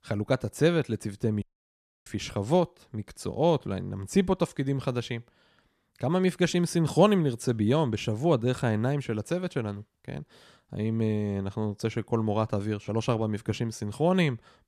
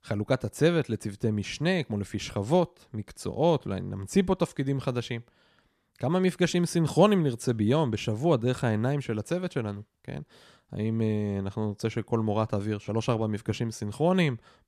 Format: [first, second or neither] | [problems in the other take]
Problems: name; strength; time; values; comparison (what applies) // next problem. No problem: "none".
second | audio cutting out; at 1.5 s for 0.5 s